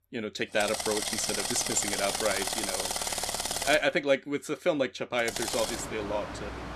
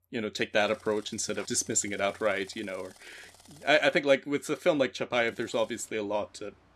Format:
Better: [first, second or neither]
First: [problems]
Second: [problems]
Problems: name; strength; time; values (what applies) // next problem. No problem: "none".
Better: second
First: machinery noise; loud; throughout; 1 dB below the speech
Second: machinery noise; faint; throughout; 25 dB below the speech